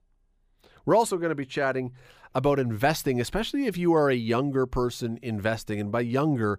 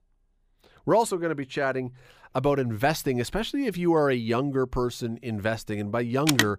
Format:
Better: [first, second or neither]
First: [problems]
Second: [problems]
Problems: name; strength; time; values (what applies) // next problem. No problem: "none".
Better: first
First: none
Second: phone ringing; very faint; at 6.5 s; peak 2 dB above the speech